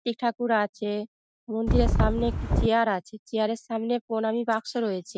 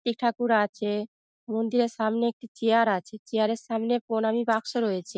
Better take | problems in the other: second | background sound (Wind); 4 dB above the speech

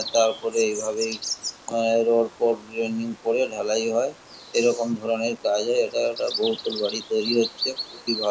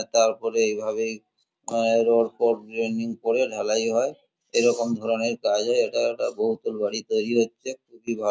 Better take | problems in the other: second | background sound (Bird vocalization, bird call, bird song); 11 dB below the speech

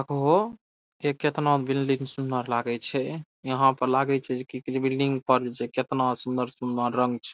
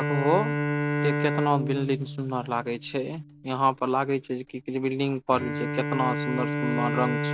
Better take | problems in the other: first | background sound (Bowed string instrument); 2 dB below the speech

